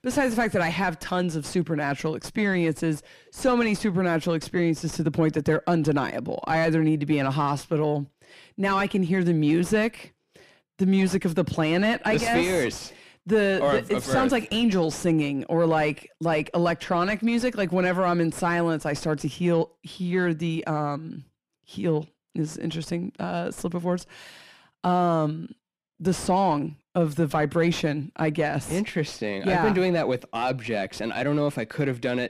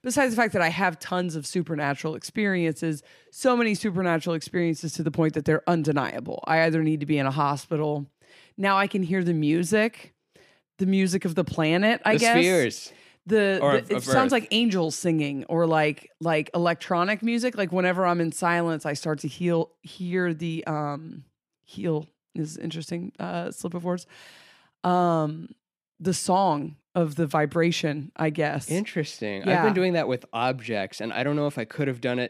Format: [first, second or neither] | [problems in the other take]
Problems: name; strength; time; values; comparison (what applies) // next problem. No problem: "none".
second | distortion; slight; 10 dB below the speech